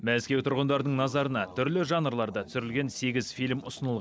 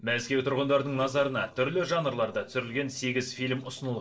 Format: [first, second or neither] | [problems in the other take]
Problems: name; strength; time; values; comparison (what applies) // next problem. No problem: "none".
first | noise reduction (neural separator model SepFormer DNS4)